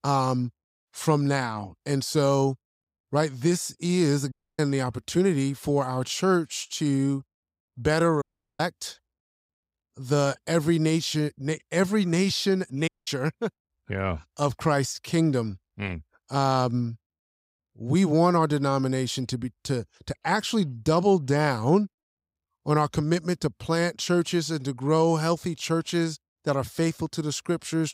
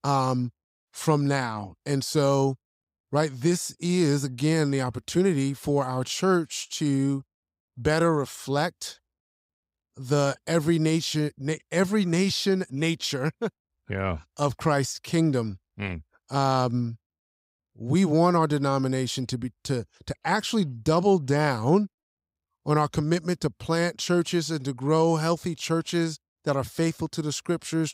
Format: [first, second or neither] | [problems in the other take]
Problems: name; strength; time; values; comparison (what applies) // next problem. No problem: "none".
second | audio cutting out; at 4.5 s, at 8 s and at 13 s